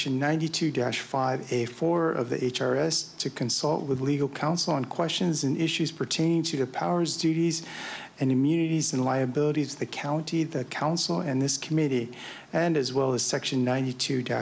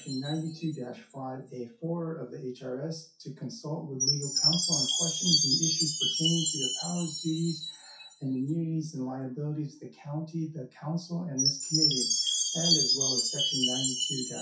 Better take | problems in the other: first | noise reduction (classical method WPE with log-MMSE)

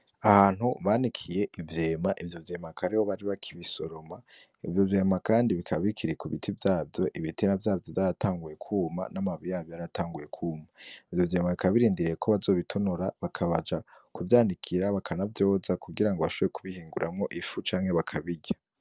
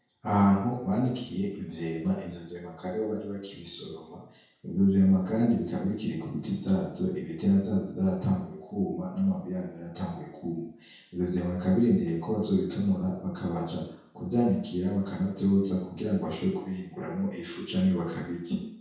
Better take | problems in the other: first | room echo; dies away in 0.6 s

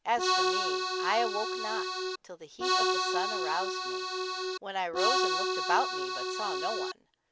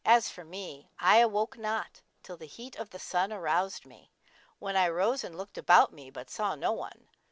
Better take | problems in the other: second | background sound (Accordion); 5 dB above the speech

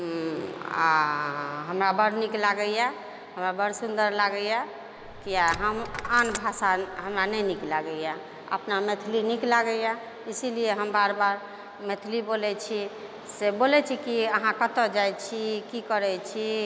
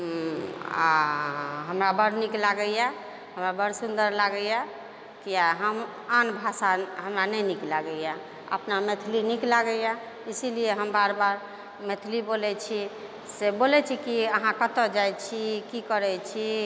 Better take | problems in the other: second | background sound (Coin (dropping)); 13 dB below the speech

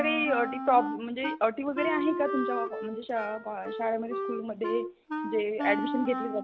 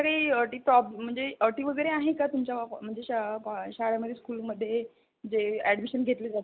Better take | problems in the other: second | background sound (Wind instrument, woodwind instrument); 4 dB below the speech

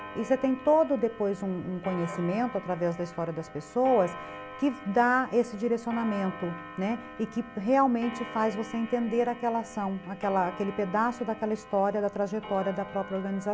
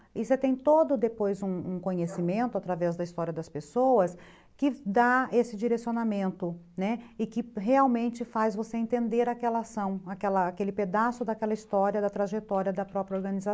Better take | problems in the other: second | background sound (Clock); 15 dB below the speech

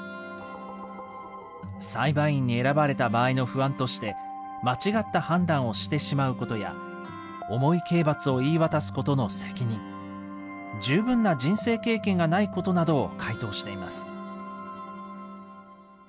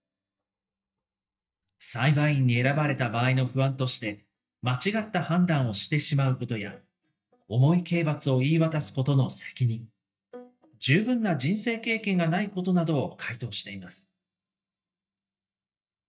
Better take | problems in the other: first | noise reduction (neural mask model DeepFilterNet 3)

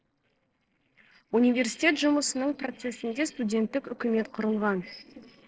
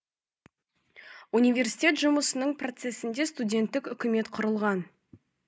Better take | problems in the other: second | noise reduction (neural separator model SepFormer DNS4)

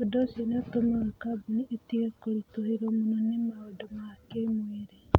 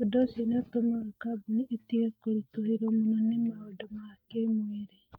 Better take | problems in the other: first | noise reduction (neural mask model DeepFilterNet 3)

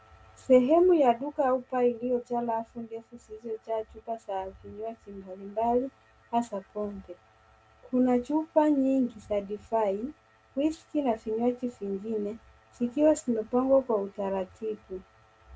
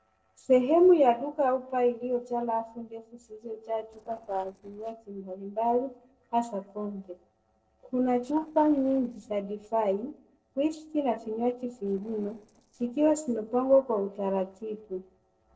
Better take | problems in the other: first | noise reduction (neural separator model SepFormer DNS4)

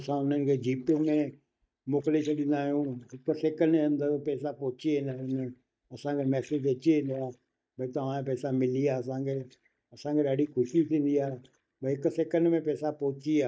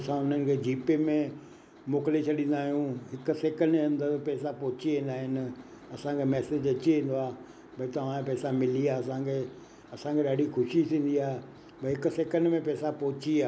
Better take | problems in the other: second | noise reduction (neural mask model DeepFilterNet 3)

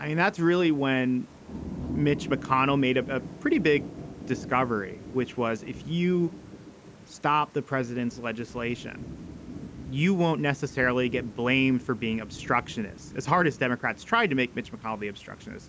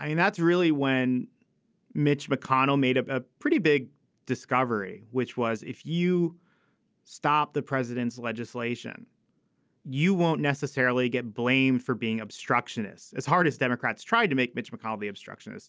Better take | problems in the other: second | background sound (Thunder / Rain); 14 dB below the speech

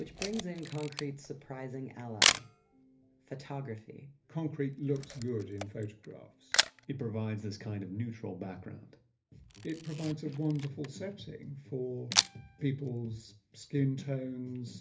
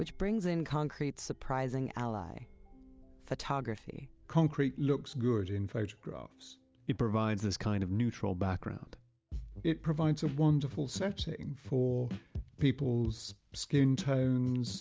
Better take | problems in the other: second | background sound (Camera); 1 dB below the speech // room echo; dies away in 0.3 s

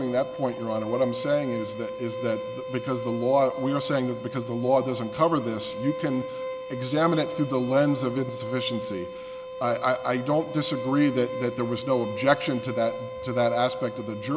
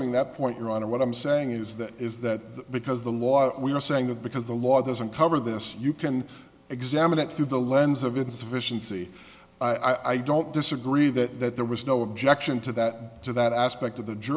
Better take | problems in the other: second | background sound (Bowed string instrument); 8 dB below the speech

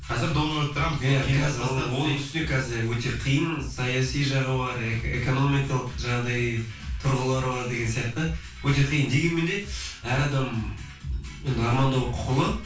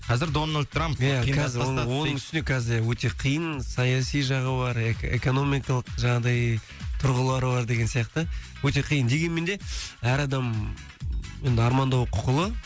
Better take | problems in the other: second | background sound (Bird); 14 dB below the speech // room echo; dies away in 0.3 s

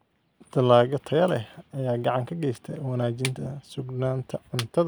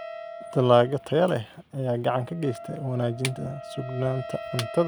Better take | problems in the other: first | background sound (Wind instrument, woodwind instrument + Wind instrument, woodwind instrument); 14 dB below the speech

